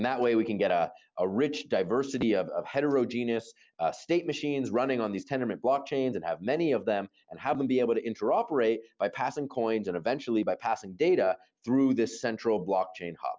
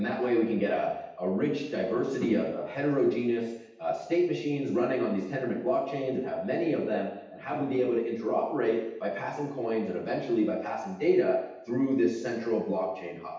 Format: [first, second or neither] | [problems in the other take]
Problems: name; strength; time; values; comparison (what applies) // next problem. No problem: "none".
first | room echo; dies away in 0.9 s